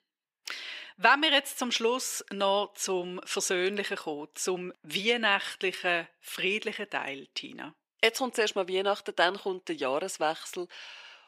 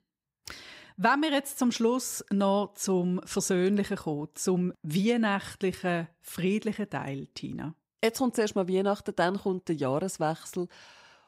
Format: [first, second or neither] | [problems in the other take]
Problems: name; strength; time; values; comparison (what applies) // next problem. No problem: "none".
second | thin; somewhat; fading below 400 Hz